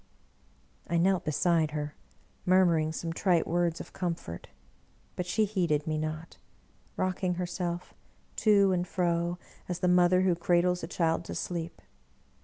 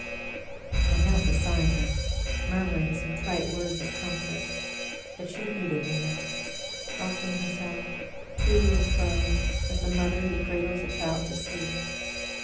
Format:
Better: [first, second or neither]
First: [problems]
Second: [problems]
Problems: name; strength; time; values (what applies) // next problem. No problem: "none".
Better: first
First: none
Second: background sound (Alarm); 4 dB above the speech // room echo; dies away in 0.6 s